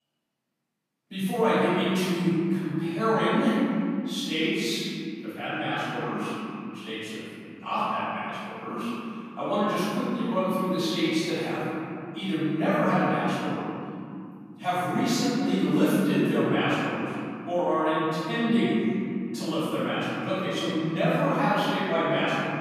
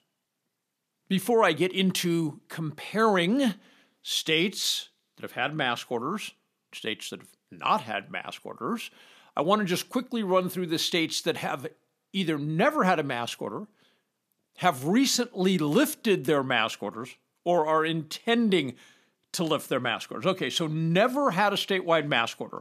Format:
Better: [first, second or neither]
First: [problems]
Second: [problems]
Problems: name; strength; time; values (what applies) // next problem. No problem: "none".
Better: second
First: off-mic speech; far // room echo; strong; dies away in 2.9 s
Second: none